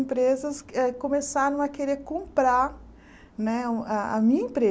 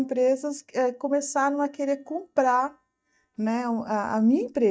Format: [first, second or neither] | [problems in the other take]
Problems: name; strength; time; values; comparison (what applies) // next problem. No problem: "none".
first | noise reduction (neural mask model DeepFilterNet 3)